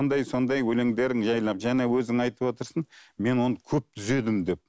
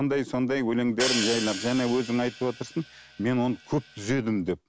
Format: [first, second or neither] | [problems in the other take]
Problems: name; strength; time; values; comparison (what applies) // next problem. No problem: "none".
first | background sound (Hi-hat); 8 dB below the speech